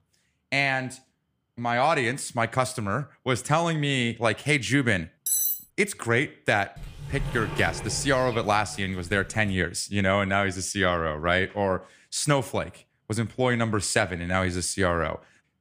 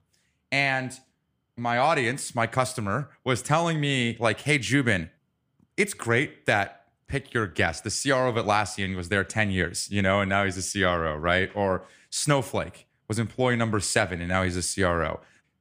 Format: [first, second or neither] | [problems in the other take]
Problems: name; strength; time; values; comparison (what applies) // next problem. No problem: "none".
second | clattering dishes; loud; at 5.5 s; peak 3 dB above the speech // door banging; noticeable; from 7 to 9.5 s; peak 7 dB below the speech